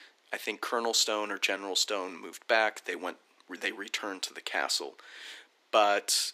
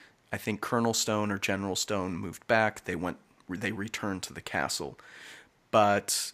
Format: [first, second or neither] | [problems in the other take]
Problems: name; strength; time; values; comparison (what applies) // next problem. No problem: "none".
second | thin; somewhat; fading below 300 Hz